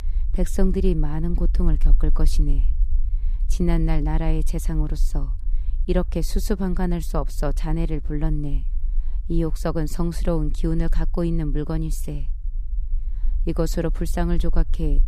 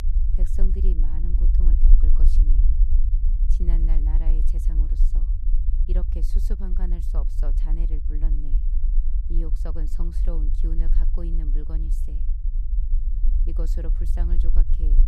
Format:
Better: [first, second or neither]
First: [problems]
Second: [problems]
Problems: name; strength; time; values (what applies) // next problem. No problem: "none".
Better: first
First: low rumble; faint; throughout; 20 dB below the speech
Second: low rumble; loud; throughout; 4 dB below the speech